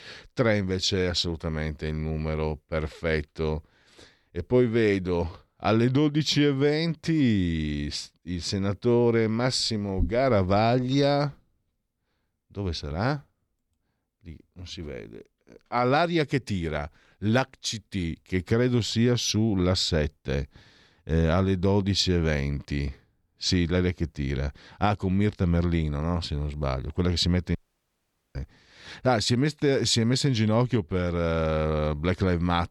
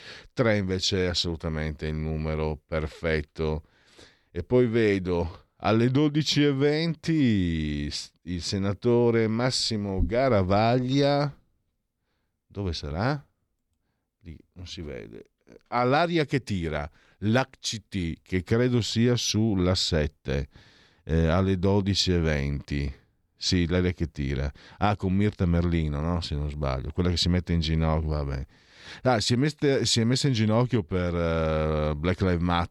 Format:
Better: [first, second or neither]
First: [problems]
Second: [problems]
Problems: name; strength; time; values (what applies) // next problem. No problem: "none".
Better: second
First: audio cutting out; at 28 s for 1 s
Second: none